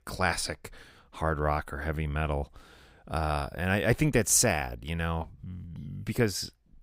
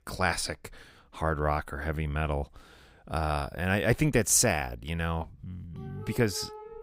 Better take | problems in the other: first | background music; noticeable; throughout; 20 dB below the speech

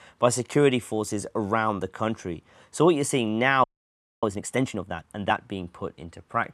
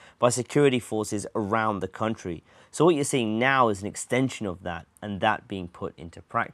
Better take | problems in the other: second | audio freezing; at 3.5 s for 0.5 s

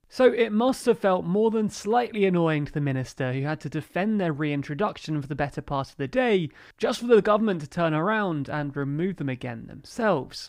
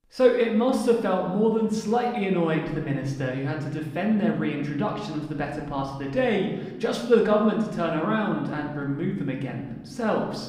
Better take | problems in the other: first | room echo; noticeable; dies away in 1 s // off-mic speech; somewhat distant

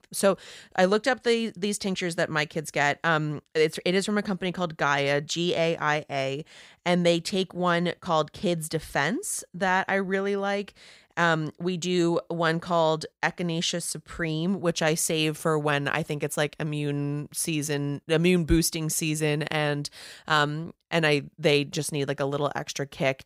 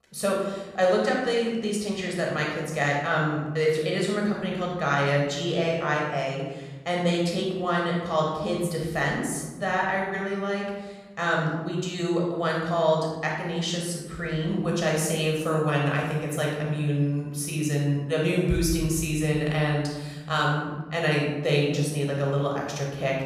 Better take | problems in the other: first | room echo; noticeable; dies away in 1.4 s // off-mic speech; far

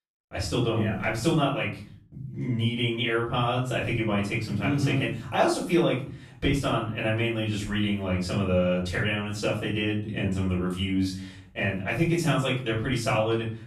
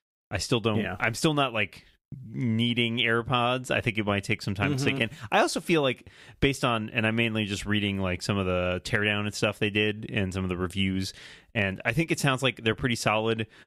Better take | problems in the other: second | off-mic speech; far // room echo; noticeable; dies away in 0.5 s

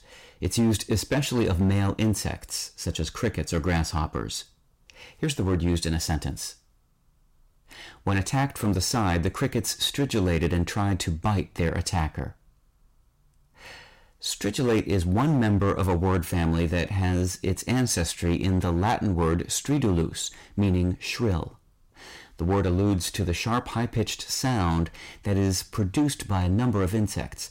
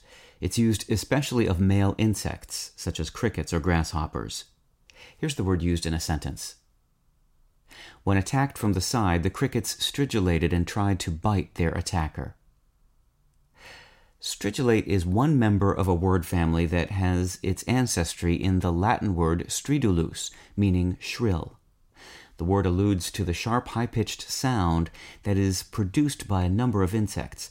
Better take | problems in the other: second | distortion; slight; 7% of the sound clipped

